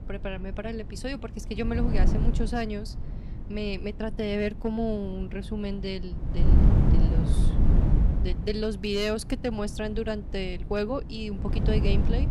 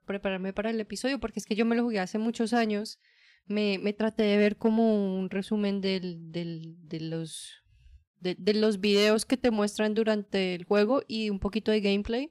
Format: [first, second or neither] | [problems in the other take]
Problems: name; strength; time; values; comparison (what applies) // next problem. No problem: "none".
second | wind noise on the microphone; heavy; 6 dB below the speech